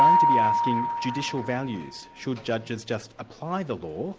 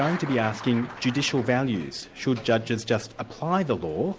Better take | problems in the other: second | background sound (Mallet percussion); 5 dB above the speech

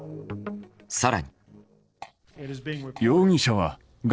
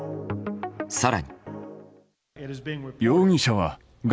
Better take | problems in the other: second | noise reduction (neural separator model SepFormer DNS4)

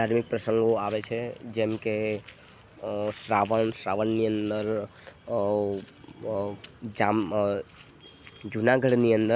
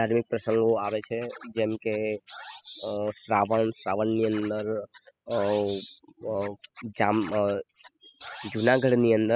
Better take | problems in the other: first | noise reduction (classical method spectral subtraction)

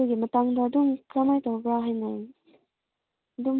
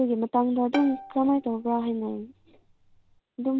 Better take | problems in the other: first | background sound (Bowed string instrument); 16 dB below the speech

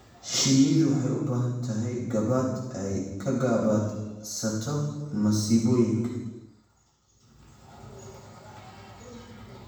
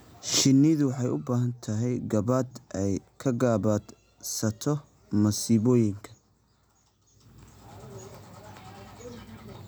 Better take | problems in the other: second | room echo; dies away in 1.1 s

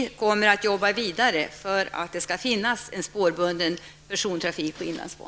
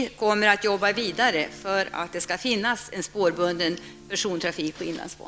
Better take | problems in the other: first | background sound (Acoustic guitar / Strum); 20 dB below the speech

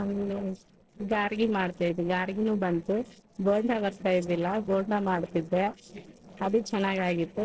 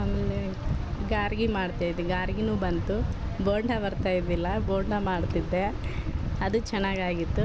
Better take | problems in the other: second | noise reduction (neural separator model SepFormer DNS4)

